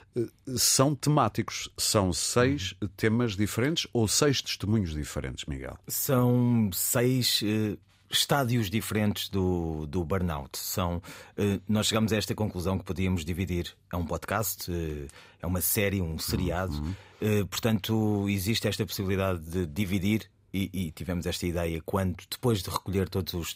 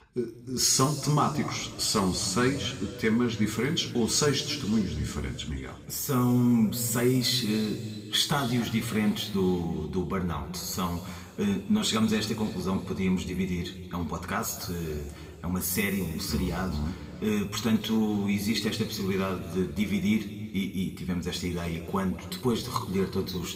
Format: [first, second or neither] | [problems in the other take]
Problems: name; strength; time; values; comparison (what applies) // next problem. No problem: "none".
first | room echo; noticeable; dies away in 2.1 s // off-mic speech; somewhat distant